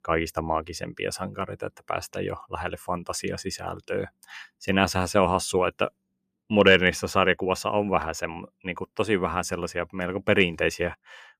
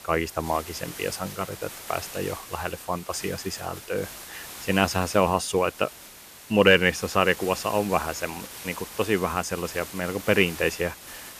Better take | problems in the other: first | hiss; noticeable; throughout; 15 dB below the speech

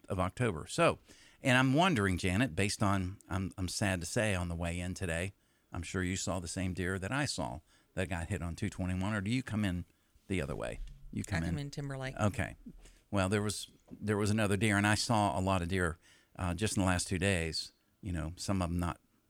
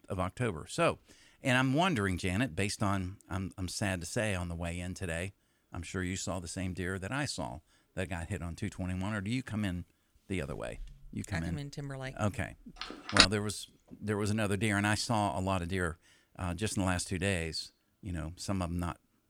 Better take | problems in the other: first | phone ringing; loud; at 13 s; peak 10 dB above the speech

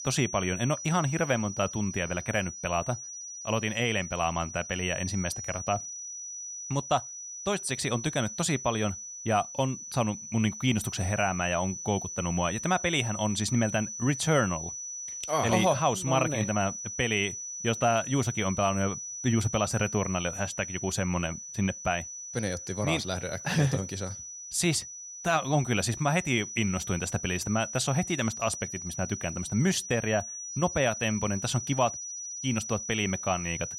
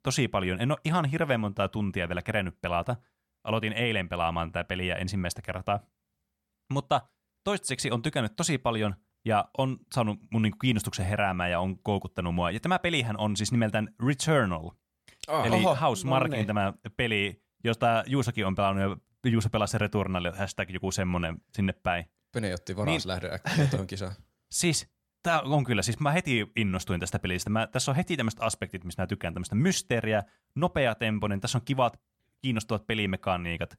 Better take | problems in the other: second | high-pitched whine; loud; throughout; 6 kHz, 7 dB below the speech

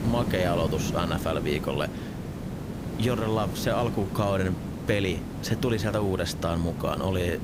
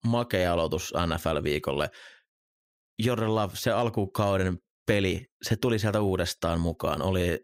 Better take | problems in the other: second | hiss; loud; throughout; 5 dB below the speech

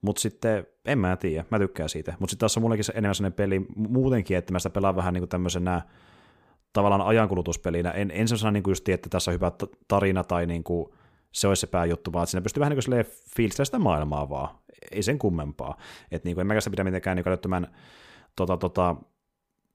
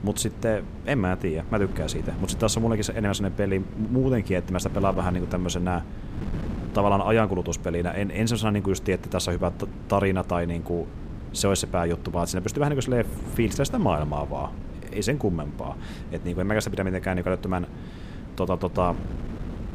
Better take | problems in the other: first | wind noise on the microphone; occasional gusts; 15 dB below the speech

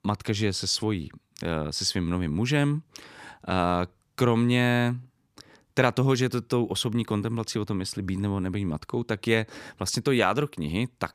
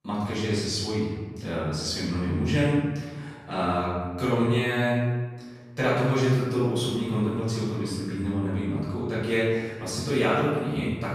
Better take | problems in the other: first | room echo; strong; dies away in 1.3 s // off-mic speech; far

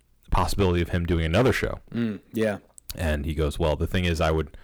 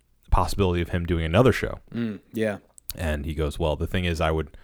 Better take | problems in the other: second | distortion; slight; 4% of the sound clipped

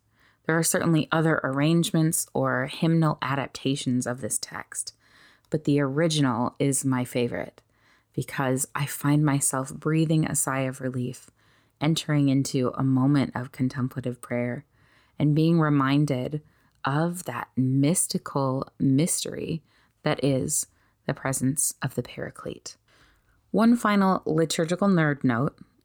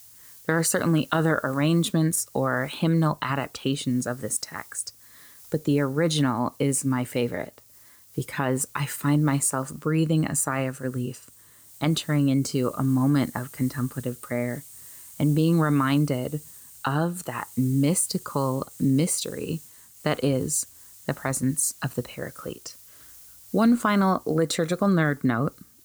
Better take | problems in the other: first | hiss; faint; throughout; 20 dB below the speech

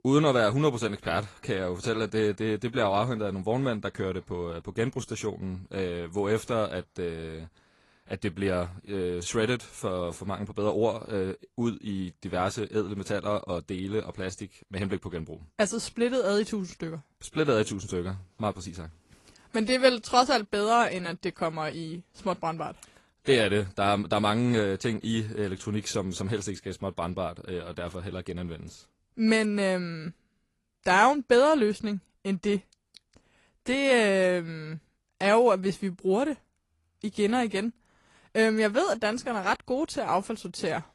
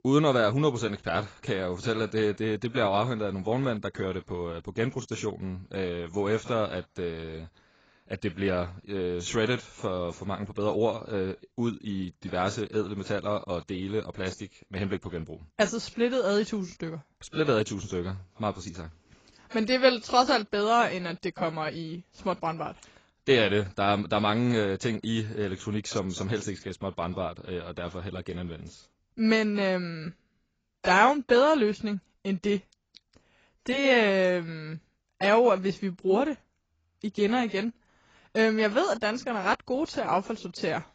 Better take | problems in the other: first | garbled, watery; badly; nothing above 7.5 kHz; slightly in the first

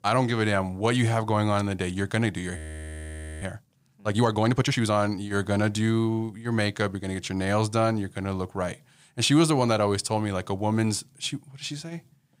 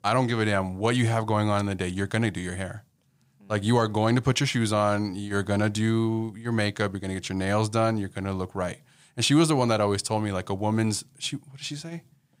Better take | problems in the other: second | audio freezing; at 2.5 s for 1 s

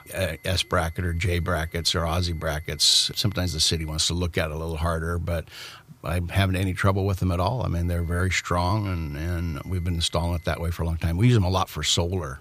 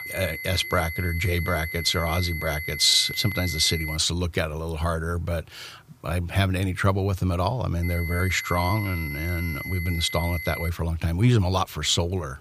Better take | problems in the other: first | high-pitched whine; loud; until 4 s and from 8 to 11 s; 2 kHz, 7 dB below the speech; faint in the first

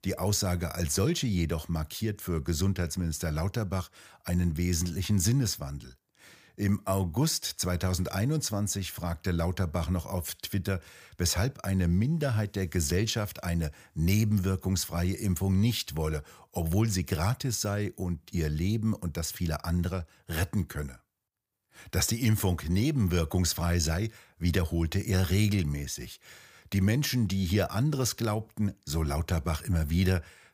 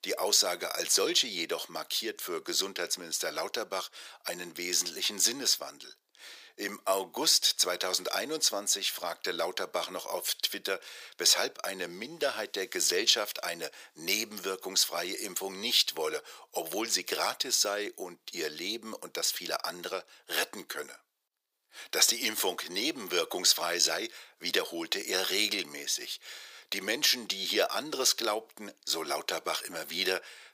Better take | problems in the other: first | thin; very; fading below 400 Hz

